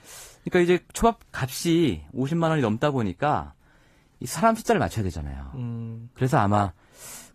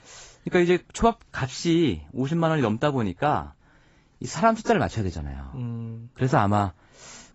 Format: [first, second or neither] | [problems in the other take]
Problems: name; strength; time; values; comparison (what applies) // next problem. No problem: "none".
first | garbled, watery; badly; nothing above 8 kHz; slightly in the first